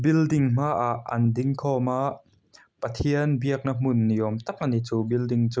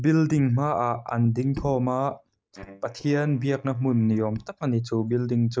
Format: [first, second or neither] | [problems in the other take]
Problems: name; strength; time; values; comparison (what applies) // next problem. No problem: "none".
first | noise reduction (neural mask model DeepFilterNet 3)